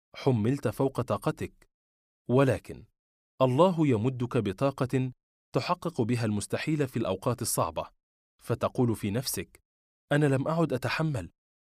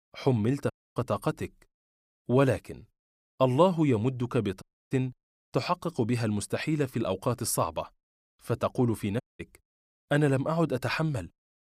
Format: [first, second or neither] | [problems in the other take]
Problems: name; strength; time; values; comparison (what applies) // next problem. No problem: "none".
first | audio cutting out; at 0.5 s, at 4.5 s and at 9 s